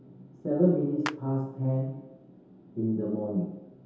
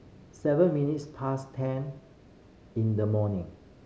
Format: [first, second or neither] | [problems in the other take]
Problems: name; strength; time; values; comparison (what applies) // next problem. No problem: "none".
second | background sound (Clapping); 14 dB below the speech // room echo; dies away in 0.8 s